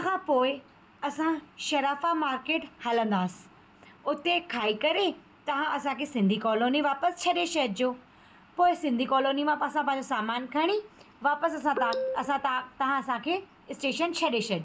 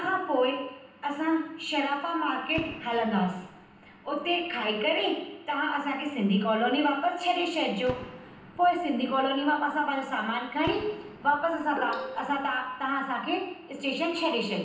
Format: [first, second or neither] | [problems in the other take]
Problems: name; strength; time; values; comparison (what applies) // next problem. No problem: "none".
first | background sound (Gunshot, gunfire); 19 dB below the speech // room echo; dies away in 0.9 s